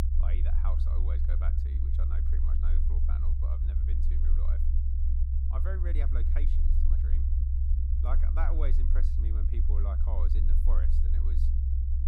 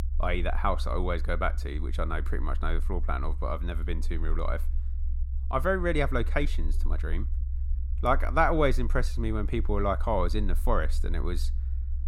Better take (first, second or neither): second